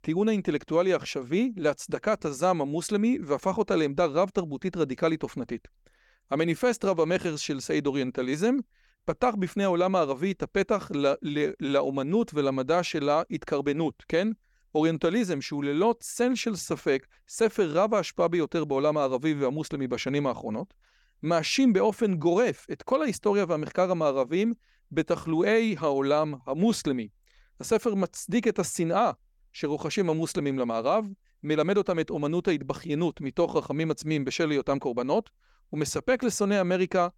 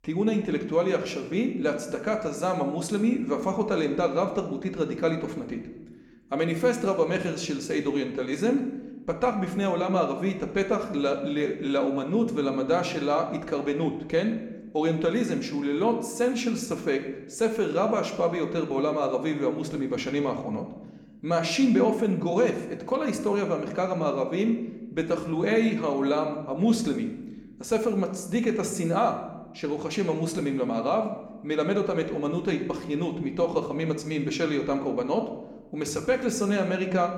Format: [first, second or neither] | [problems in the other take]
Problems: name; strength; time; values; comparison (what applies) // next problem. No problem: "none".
first | room echo; slight; dies away in 0.8 s